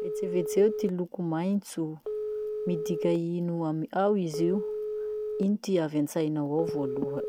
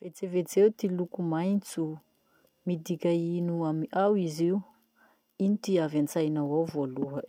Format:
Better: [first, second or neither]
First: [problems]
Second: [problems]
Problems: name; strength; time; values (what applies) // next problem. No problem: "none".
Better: second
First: background sound (Telephone); 6 dB below the speech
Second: none